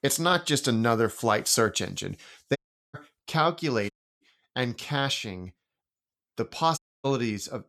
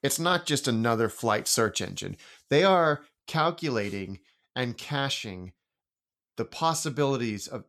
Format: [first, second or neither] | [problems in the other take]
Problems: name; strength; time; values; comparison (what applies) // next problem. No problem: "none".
second | audio cutting out; at 2.5 s, at 4 s and at 7 s